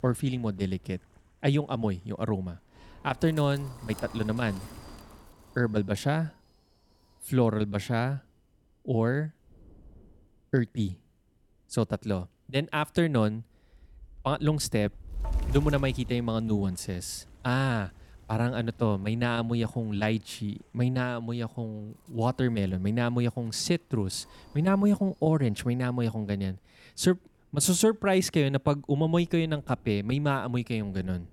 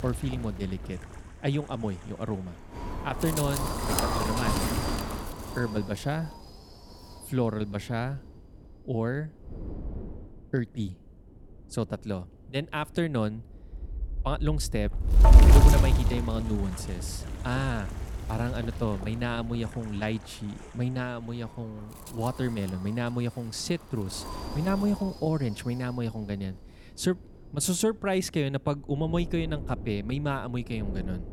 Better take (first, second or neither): first